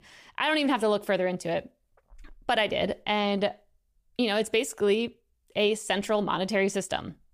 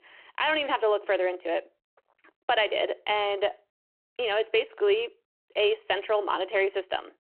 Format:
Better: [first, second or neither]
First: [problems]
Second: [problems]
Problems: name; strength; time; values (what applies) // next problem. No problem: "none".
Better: first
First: none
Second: phone-call audio